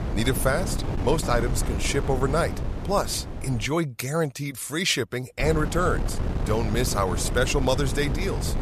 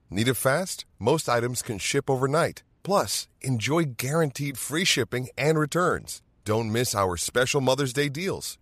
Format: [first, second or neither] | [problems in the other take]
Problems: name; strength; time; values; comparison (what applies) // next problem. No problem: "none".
second | wind noise on the microphone; heavy; until 3.5 s and from 5.5 s on; 10 dB below the speech